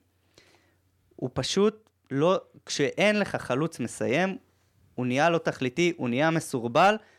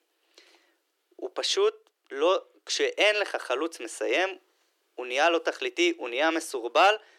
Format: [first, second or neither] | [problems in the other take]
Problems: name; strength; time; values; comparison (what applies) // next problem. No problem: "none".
first | thin; very; fading below 300 Hz